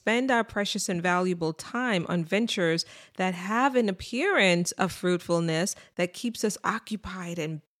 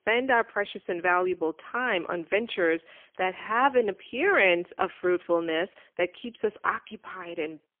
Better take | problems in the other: first | phone-call audio; poor line

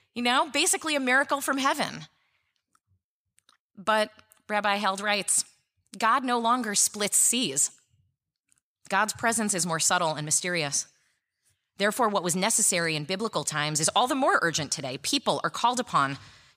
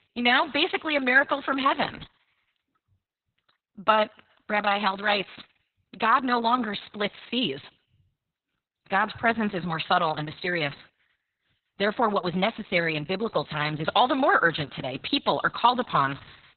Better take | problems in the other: first | garbled, watery; badly; nothing above 4 kHz

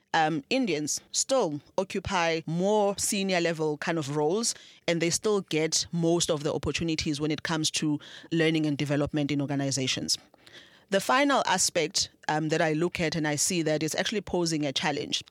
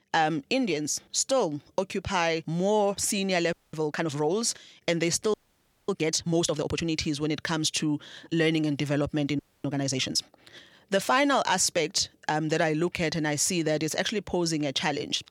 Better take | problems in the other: first | audio freezing; at 3.5 s, at 5.5 s for 0.5 s and at 9.5 s

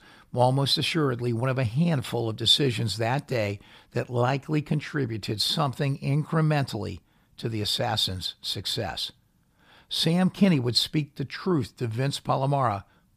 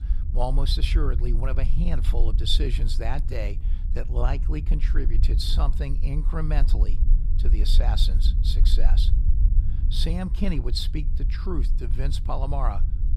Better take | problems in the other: first | low rumble; noticeable; throughout; 10 dB below the speech

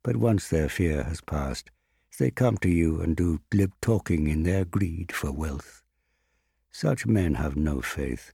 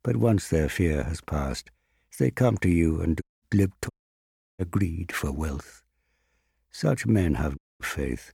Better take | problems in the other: first | audio cutting out; at 3 s, at 4 s for 0.5 s and at 7.5 s

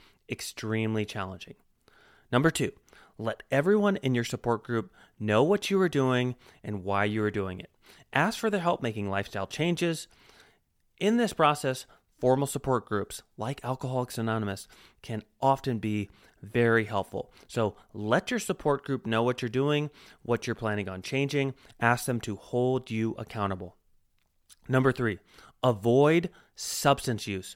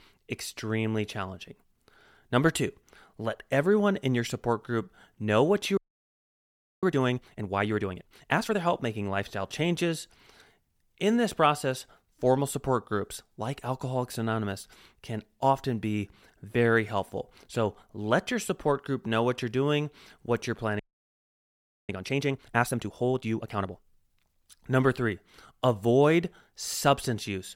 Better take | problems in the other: first | audio freezing; at 6 s for 1 s and at 21 s for 1 s

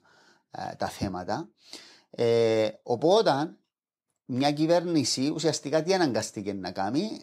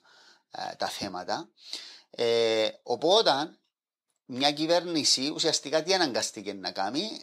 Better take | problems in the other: first | thin; very slightly; fading below 1 kHz

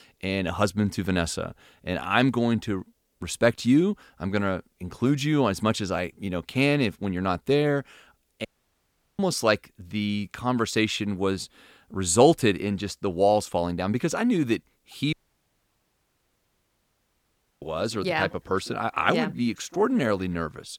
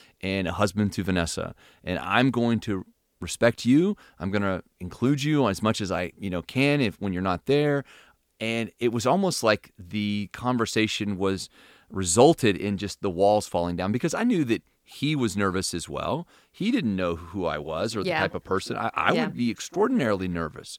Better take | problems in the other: second | audio cutting out; at 8.5 s for 0.5 s and at 15 s for 2.5 s

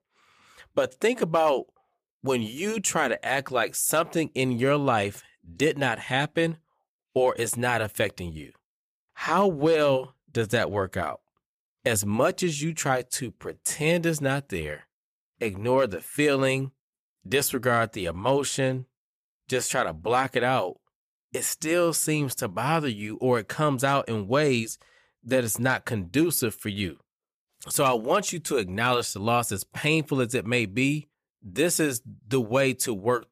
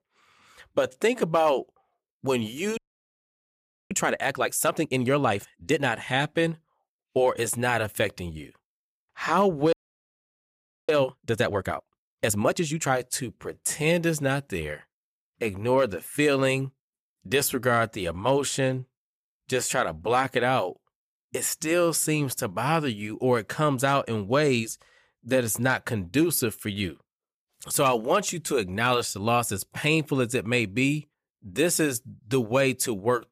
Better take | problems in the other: first | audio freezing; at 3 s for 1 s and at 9.5 s for 1 s

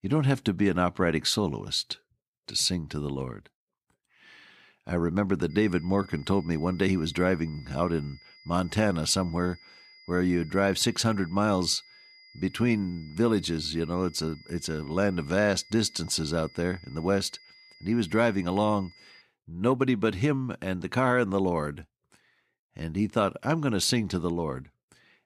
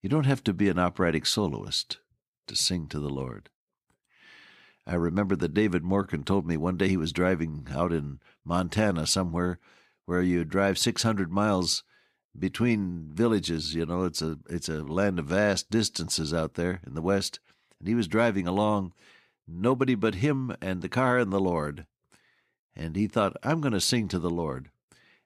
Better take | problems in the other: second | high-pitched whine; faint; from 5.5 to 19 s; 2 kHz, 25 dB below the speech

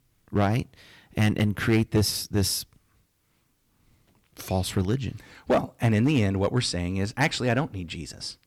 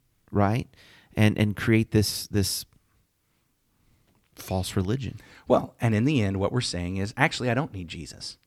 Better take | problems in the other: second | distortion; slight; 2% of the sound clipped

